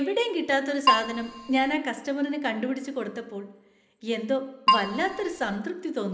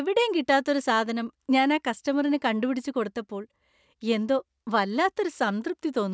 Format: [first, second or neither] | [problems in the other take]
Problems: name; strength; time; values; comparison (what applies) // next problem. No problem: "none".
second | background sound (Keyboard (musical)); 2 dB above the speech // room echo; dies away in 0.7 s